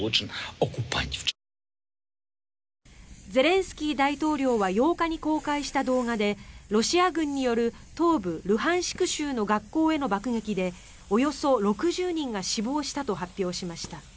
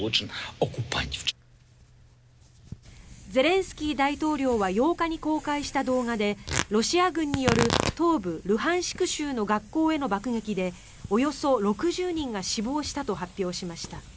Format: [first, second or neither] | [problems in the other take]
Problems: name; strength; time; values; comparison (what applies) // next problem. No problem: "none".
first | background sound (Tearing); 10 dB below the speech